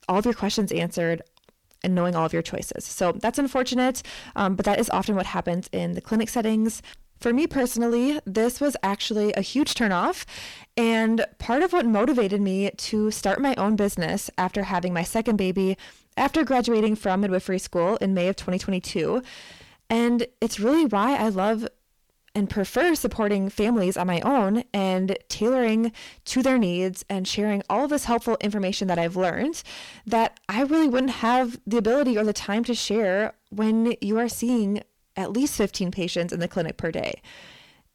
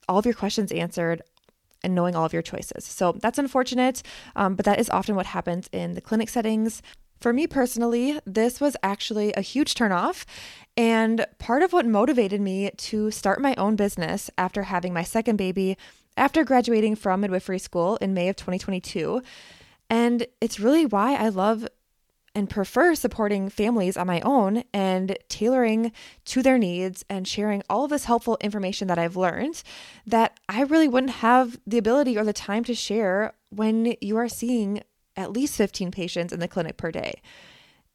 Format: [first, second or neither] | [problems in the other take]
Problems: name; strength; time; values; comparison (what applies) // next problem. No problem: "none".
second | distortion; slight; 10 dB below the speech